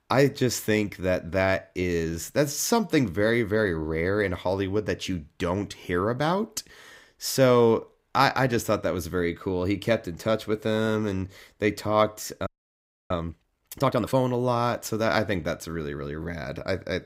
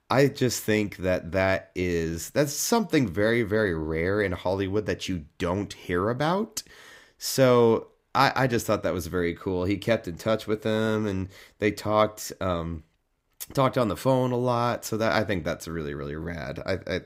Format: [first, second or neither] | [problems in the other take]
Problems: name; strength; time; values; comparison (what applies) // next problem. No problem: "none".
second | audio freezing; at 12 s for 0.5 s